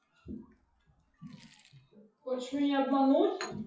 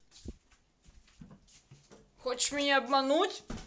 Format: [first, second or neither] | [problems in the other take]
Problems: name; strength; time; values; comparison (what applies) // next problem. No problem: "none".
second | noise reduction (classical method WPE with log-MMSE)